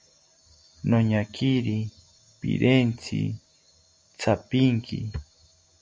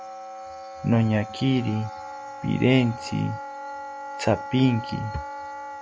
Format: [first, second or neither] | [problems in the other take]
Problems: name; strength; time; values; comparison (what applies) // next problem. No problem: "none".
first | background sound (Wind instrument, woodwind instrument); 11 dB below the speech